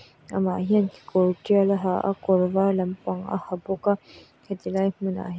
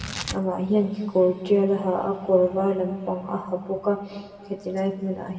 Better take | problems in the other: first | background sound (Tearing); 18 dB below the speech // room echo; dies away in 2.5 s

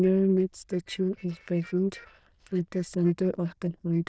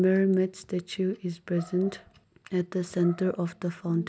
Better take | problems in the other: second | noise reduction (neural diffusion model UNIVERSE++)

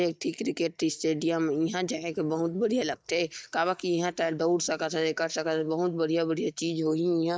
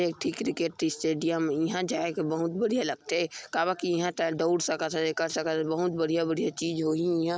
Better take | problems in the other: second | noise reduction (neural mask model DeepFilterNet 3)

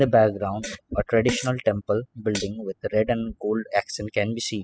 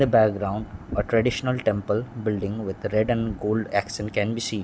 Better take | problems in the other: second | noise reduction (classical method spectral subtraction)

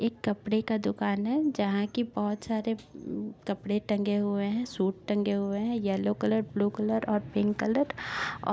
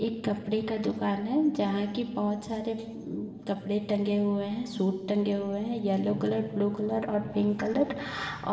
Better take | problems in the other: first | background sound (Brass instrument); 15 dB below the speech // room echo; dies away in 1.1 s

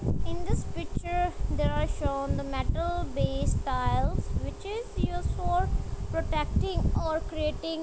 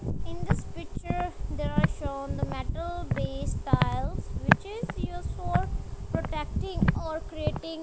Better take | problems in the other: first | background sound (Walk, footsteps); 1 dB below the speech

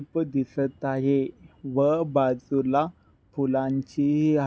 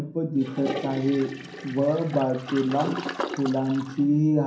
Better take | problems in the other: first | background sound (Toilet flush); 10 dB below the speech // room echo; dies away in 0.6 s

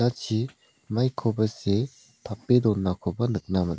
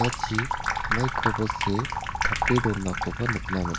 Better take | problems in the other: first | background sound (Sink (filling or washing) / Water tap, faucet); 1 dB above the speech

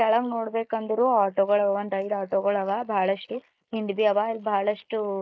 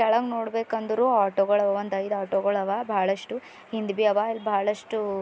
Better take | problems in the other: second | noise reduction (neural mask model Resemble Enhance denoiser)

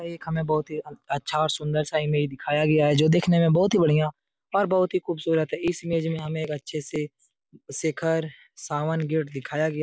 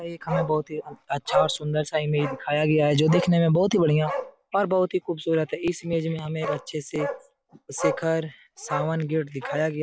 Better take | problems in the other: first | background sound (Bark); 9 dB below the speech

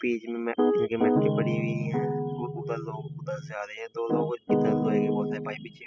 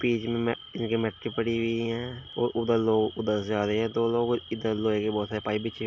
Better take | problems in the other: second | noise reduction (classical method spectral subtraction)

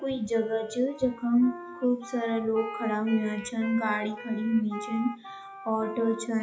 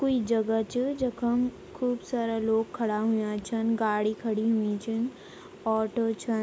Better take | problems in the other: second | noise reduction (classical method WPE with log-MMSE)

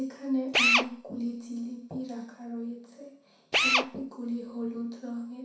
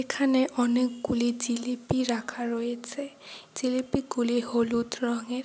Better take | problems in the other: second | background sound (Drill); 3 dB above the speech // room echo; dies away in 0.6 s

